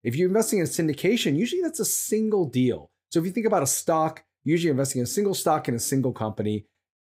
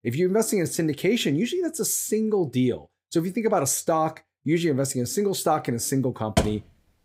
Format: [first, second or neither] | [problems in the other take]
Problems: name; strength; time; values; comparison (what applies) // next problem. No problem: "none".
first | door banging; noticeable; at 6.5 s; peak 2 dB below the speech